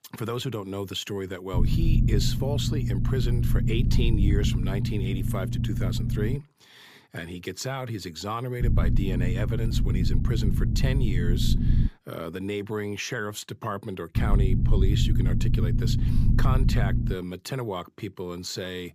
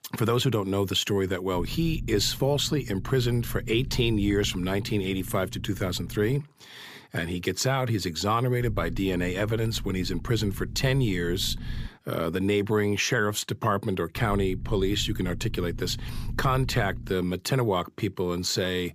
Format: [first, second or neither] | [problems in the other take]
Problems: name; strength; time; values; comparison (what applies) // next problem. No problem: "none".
second | low rumble; loud; from 1.5 to 6.5 s, from 8.5 to 12 s and from 14 to 17 s; 4 dB below the speech; faint in the second